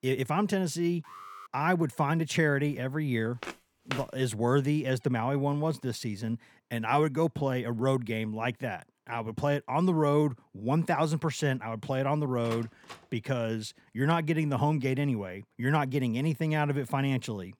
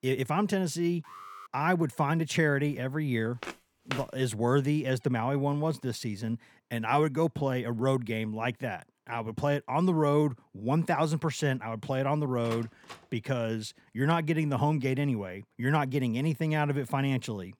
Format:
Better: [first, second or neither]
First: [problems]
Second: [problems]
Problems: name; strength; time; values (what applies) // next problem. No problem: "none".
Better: neither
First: alarm; faint; at 1 s; peak 15 dB below the speech // footsteps; noticeable; at 3.5 s; peak 9 dB below the speech // door banging; faint; at 12 s; peak 15 dB below the speech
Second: alarm; faint; at 1 s; peak 15 dB below the speech // footsteps; noticeable; at 3.5 s; peak 9 dB below the speech // door banging; faint; at 12 s; peak 15 dB below the speech